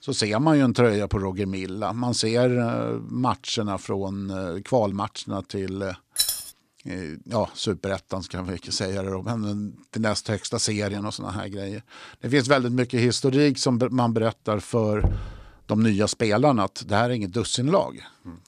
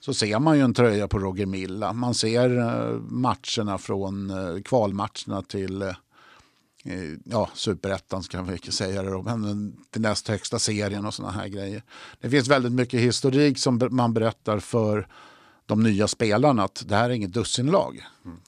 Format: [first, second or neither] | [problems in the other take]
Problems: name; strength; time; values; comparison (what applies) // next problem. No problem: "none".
second | jangling keys; loud; at 6 s; peak 1 dB above the speech // door banging; noticeable; at 15 s; peak 3 dB below the speech